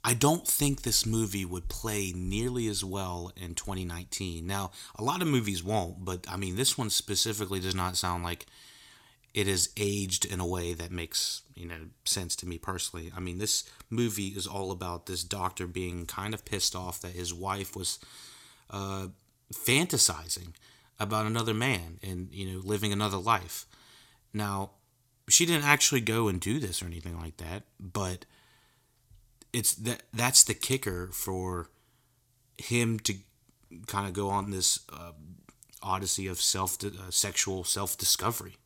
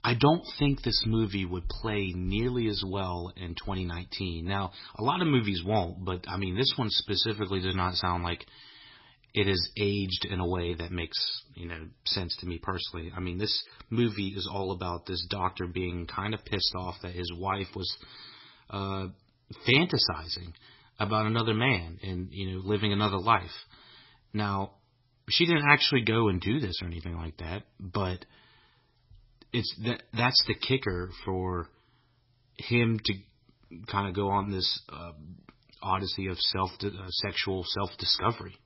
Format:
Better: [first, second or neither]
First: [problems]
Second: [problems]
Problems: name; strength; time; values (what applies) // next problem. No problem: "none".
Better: first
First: none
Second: garbled, watery; badly; nothing above 5.5 kHz